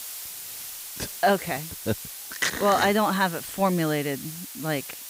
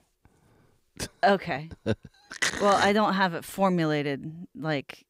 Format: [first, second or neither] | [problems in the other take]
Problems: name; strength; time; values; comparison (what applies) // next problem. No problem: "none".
second | hiss; noticeable; throughout; 10 dB below the speech